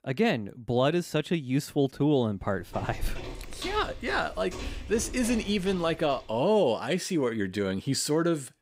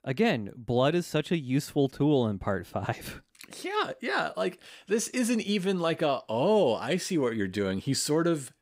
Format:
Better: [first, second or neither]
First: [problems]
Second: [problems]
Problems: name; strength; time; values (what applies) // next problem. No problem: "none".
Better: second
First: footsteps; noticeable; from 2.5 to 5.5 s; peak 10 dB below the speech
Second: none